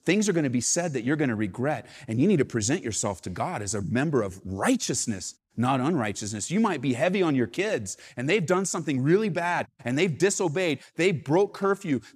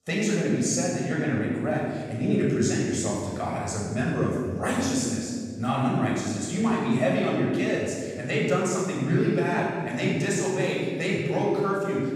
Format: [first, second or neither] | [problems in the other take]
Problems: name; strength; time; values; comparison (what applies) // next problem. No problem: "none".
first | off-mic speech; far // room echo; strong; dies away in 1.6 s